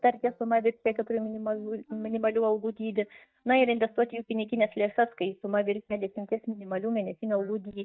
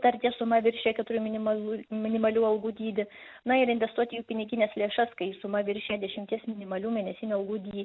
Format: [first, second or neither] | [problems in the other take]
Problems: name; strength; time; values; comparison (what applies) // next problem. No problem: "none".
second | noise reduction (neural mask model DeepFilterNet 3)